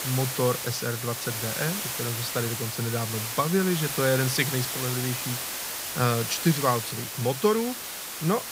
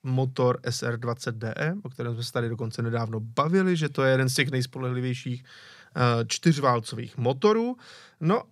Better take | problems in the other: second | hiss; loud; throughout; 3 dB below the speech

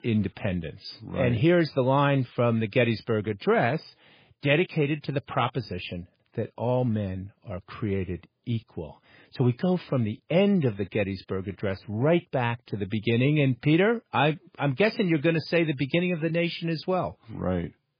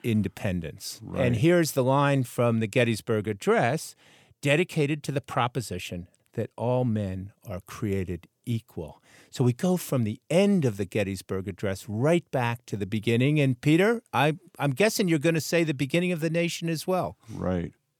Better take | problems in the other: second | garbled, watery; badly; nothing above 5 kHz

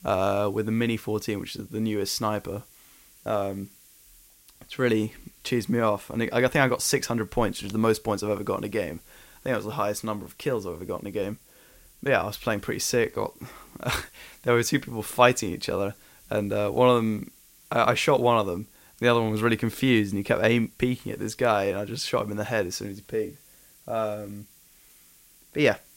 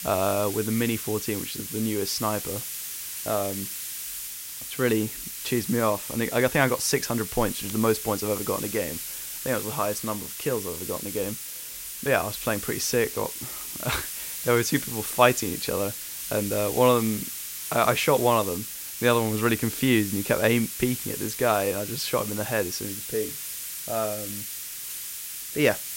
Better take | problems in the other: first | hiss; loud; throughout; 6 dB below the speech; faint in the first

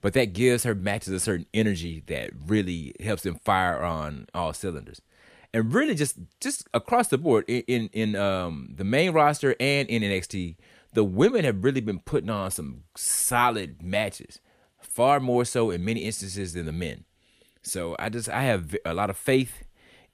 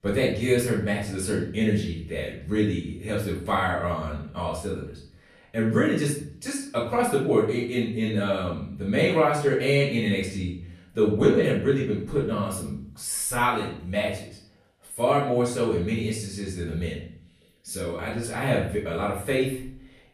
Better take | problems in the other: first | off-mic speech; far // room echo; noticeable; dies away in 0.5 s

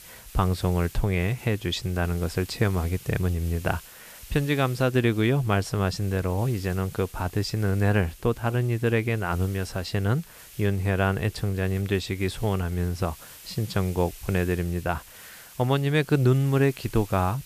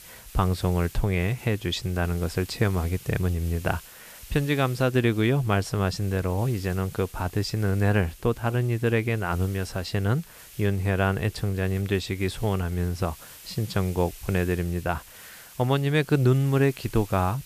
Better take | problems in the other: neither | hiss; noticeable; throughout; 20 dB below the speech; the same in both

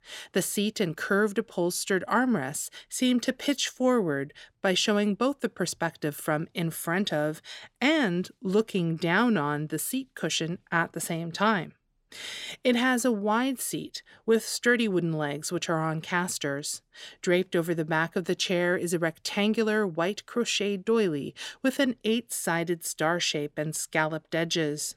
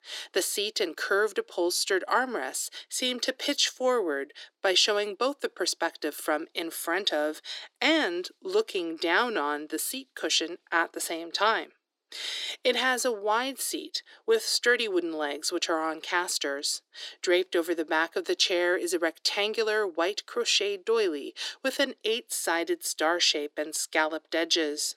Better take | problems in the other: first | thin; somewhat; fading below 300 Hz

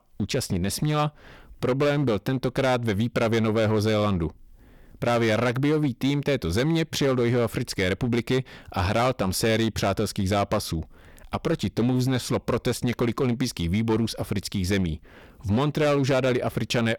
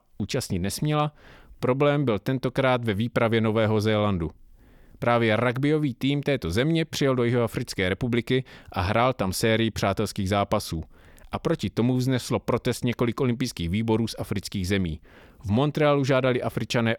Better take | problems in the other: second | distortion; slight; 9% of the sound clipped

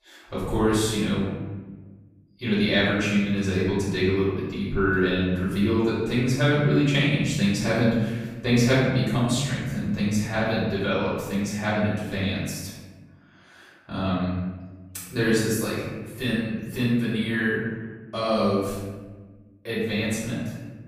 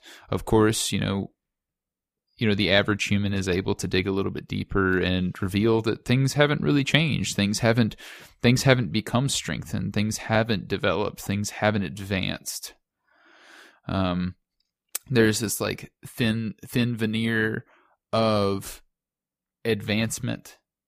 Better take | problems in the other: second | room echo; strong; dies away in 1.2 s // off-mic speech; far

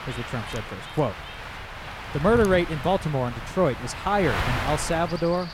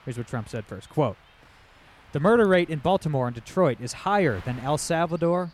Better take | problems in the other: second | wind noise on the microphone; heavy; 7 dB below the speech; occasional gusts in the second

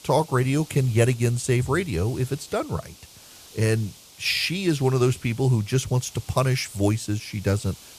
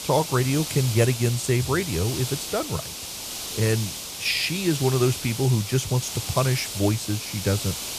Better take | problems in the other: first | hiss; loud; throughout; 6 dB below the speech; faint in the first

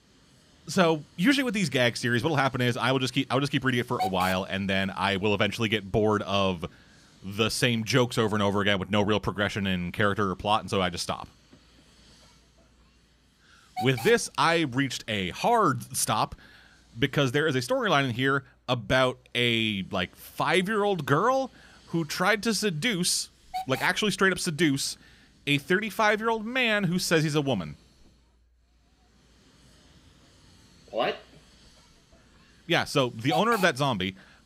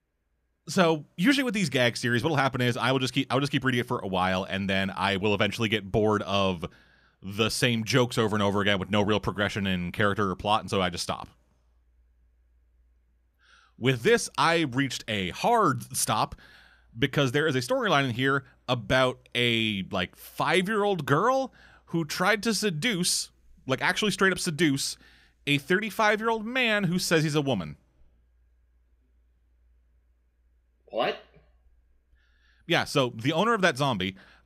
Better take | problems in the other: second | hiss; noticeable; throughout; 15 dB below the speech

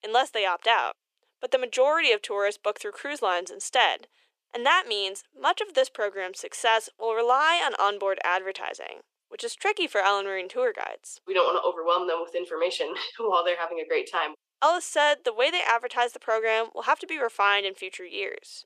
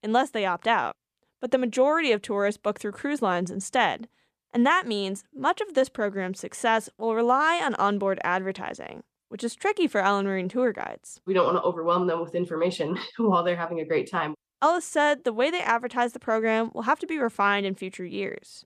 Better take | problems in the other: second | thin; very; fading below 400 Hz

